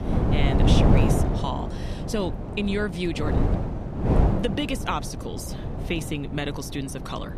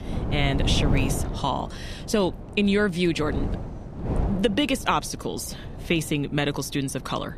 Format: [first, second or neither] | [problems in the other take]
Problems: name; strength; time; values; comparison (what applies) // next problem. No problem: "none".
second | wind noise on the microphone; heavy; as loud as the speech; occasional gusts in the second